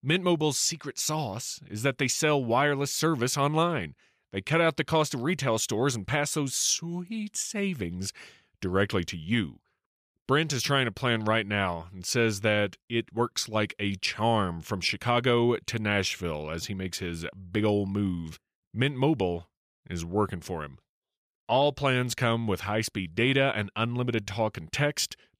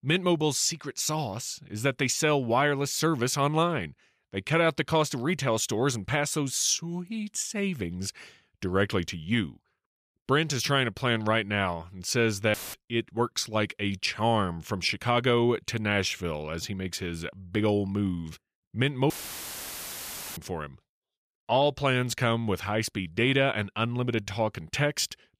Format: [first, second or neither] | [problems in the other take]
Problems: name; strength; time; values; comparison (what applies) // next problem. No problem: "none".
first | audio cutting out; filled with static; at 13 s and at 19 s for 1.5 s